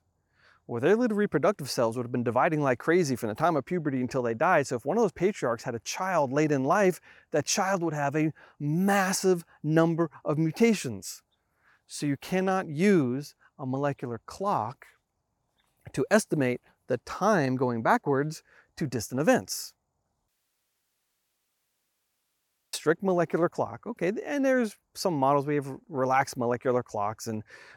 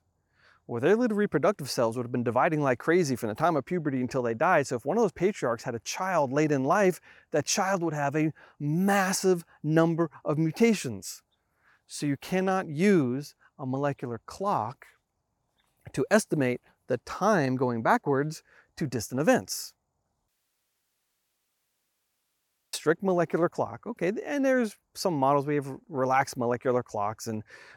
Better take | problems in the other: neither | audio cutting out; at 20 s for 2.5 s; the same in both

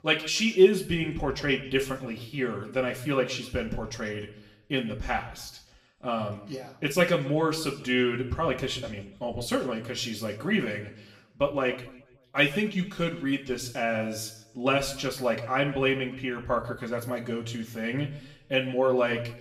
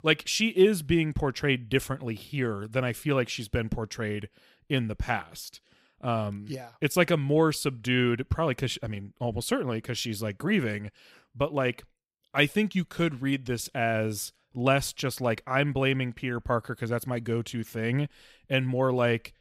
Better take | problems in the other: second | room echo; slight; dies away in 0.6 s // off-mic speech; far

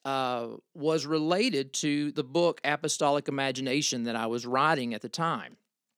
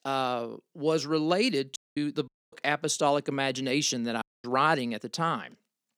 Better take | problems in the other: first | audio cutting out; at 2 s, at 2.5 s and at 4 s

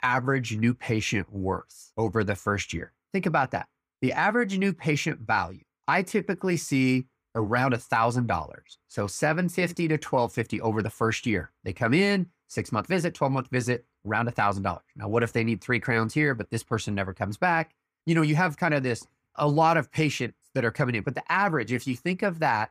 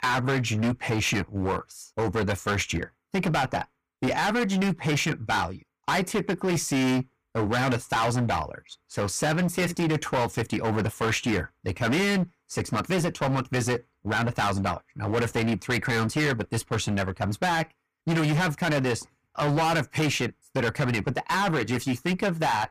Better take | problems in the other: first | distortion; heavy; 20% of the sound clipped

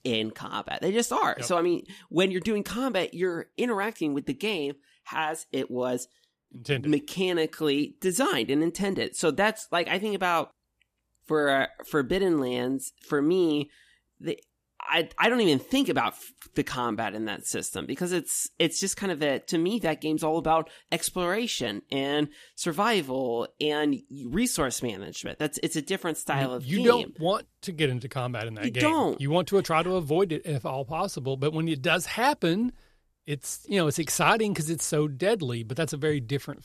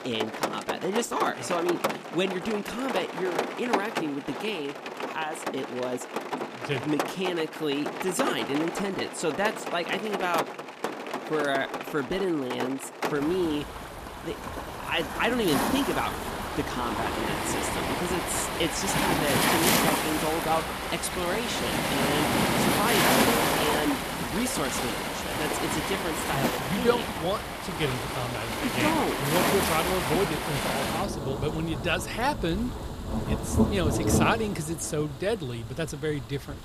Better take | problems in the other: first | rain or running water; very loud; throughout; 1 dB above the speech

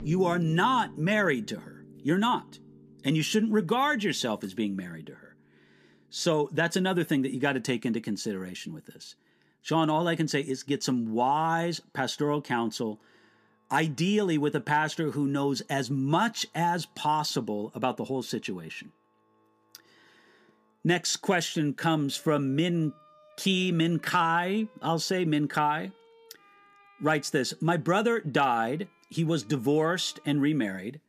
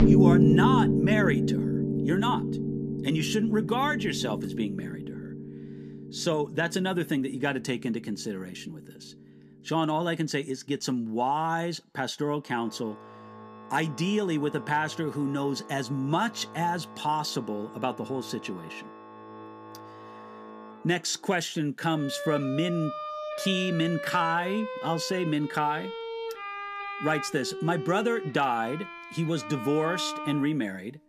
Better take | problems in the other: first | background music; loud; throughout; 1 dB below the speech; faint in the first

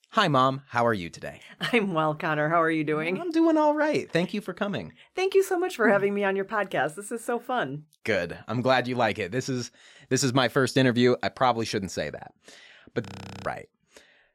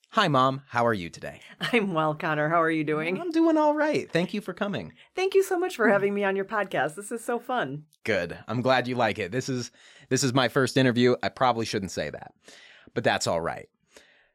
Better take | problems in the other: second | audio freezing; at 13 s

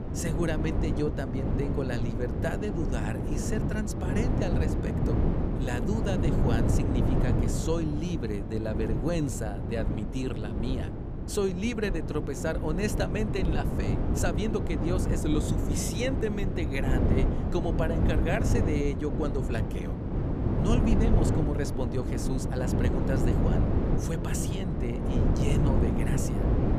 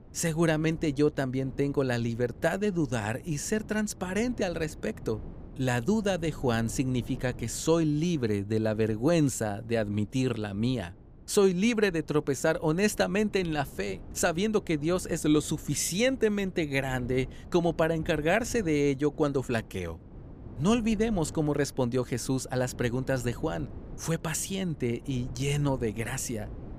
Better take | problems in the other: second | wind noise on the microphone; heavy; 1 dB below the speech; occasional gusts in the second

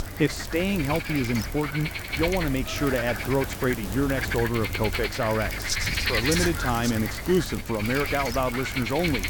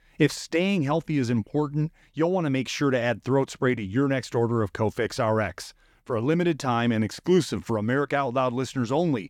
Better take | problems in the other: second | animal sounds; loud; throughout; 3 dB below the speech

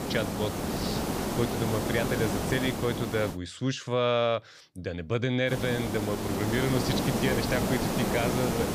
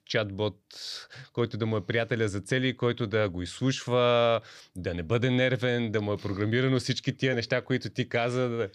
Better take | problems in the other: second | hiss; loud; until 3.5 s and from 5.5 s on; 1 dB below the speech

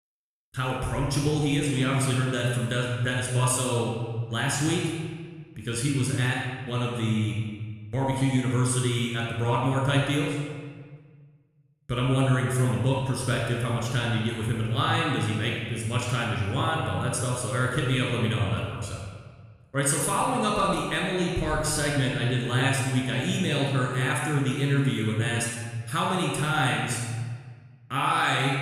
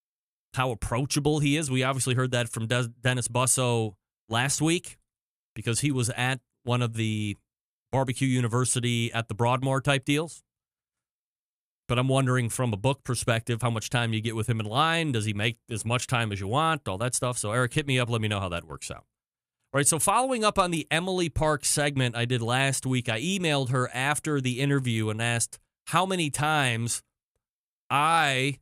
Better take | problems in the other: second | off-mic speech; far // room echo; noticeable; dies away in 1.4 s

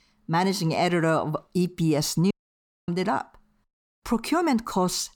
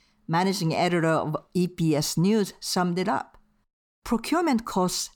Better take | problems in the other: second | audio cutting out; at 2.5 s for 0.5 s

